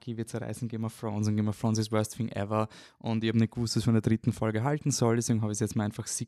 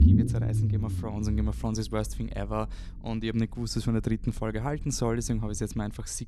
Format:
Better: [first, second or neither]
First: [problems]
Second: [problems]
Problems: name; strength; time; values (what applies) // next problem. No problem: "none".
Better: first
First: none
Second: low rumble; loud; throughout; 4 dB below the speech